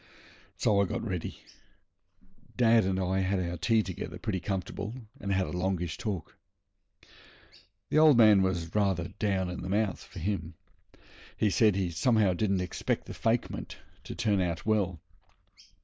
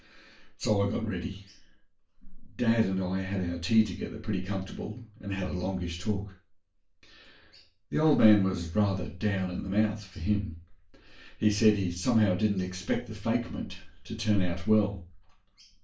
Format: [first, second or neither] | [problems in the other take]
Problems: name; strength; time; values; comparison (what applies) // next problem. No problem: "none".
first | room echo; dies away in 0.3 s